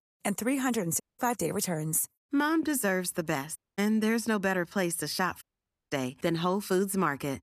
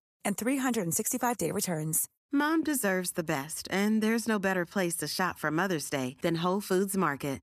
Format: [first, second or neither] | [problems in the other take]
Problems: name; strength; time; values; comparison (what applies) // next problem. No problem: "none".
second | audio cutting out; at 1 s, at 3.5 s and at 5.5 s